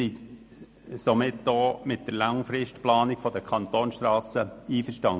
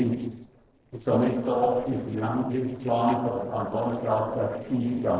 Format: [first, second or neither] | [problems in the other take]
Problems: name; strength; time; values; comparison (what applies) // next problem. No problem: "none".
first | noise reduction (neural separator model SepFormer DNS4)